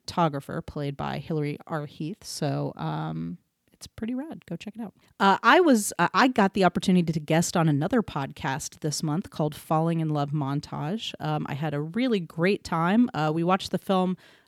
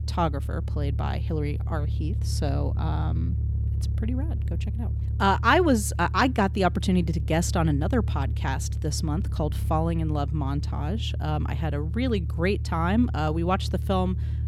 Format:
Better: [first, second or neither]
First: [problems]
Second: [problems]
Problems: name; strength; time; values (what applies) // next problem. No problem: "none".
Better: first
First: none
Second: low rumble; noticeable; throughout; 15 dB below the speech